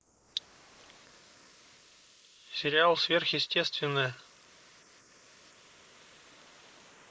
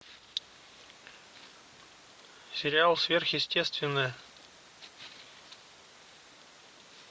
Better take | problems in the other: second | noise reduction (neural mask model Resemble Enhance denoiser)

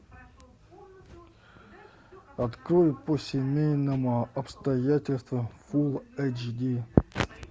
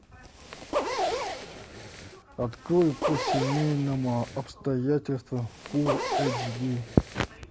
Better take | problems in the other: first | background sound (Zipper (clothing)); 4 dB below the speech

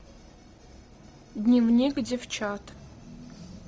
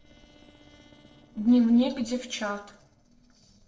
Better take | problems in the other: first | noise reduction (neural separator model SepFormer DNS4)

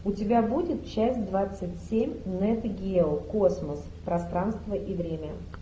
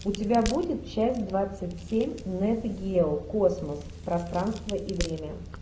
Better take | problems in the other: first | background sound (Crack); 14 dB below the speech

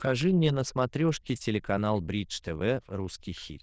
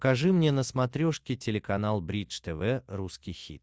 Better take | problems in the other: second | noise reduction (neural diffusion model UNIVERSE++)

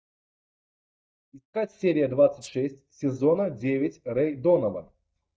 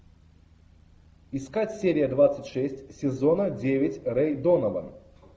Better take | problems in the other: second | noise reduction (neural mask model DeepFilterNet 3)

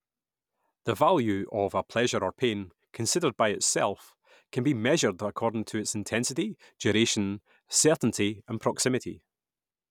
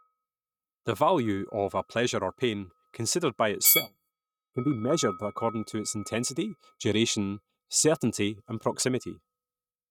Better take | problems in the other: first | noise reduction (neural mask model RNNoise)

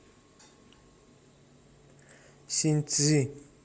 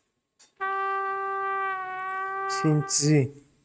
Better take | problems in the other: first | noise reduction (neural mask model RNNoise)

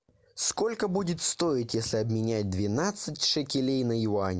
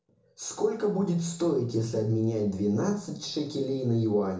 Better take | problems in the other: first | room echo; dies away in 0.6 s

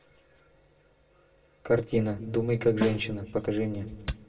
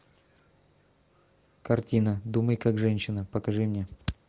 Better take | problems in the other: second | background sound (Snare drum); 8 dB below the speech // room echo; dies away in 1.4 s

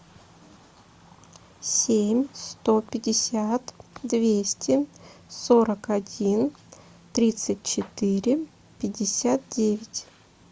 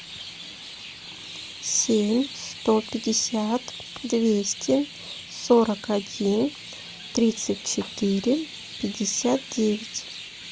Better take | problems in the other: first | background sound (Chirp, tweet); 14 dB below the speech

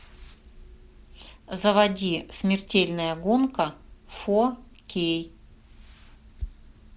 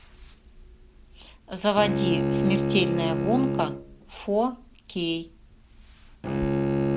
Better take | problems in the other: first | background sound (Bowed string instrument); as loud as the speech

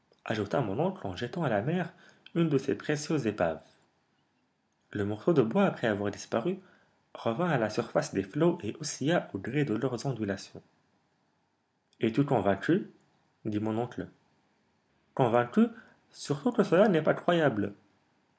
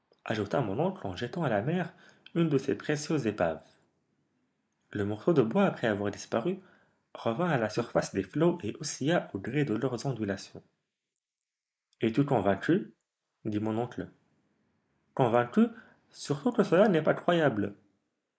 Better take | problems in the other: first | noise reduction (neural mask model Resemble Enhance denoiser)

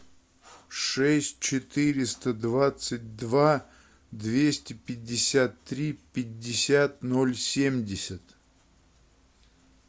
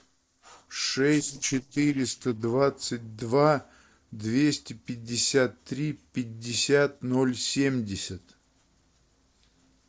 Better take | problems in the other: first | noise reduction (neural separator model SepFormer DNS4)

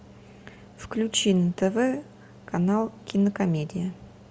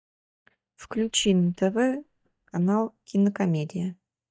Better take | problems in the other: first | noise reduction (neural mask model DeepFilterNet 3)

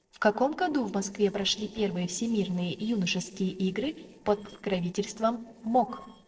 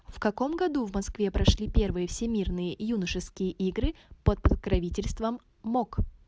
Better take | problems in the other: second | noise reduction (neural separator model SepFormer DNS4)

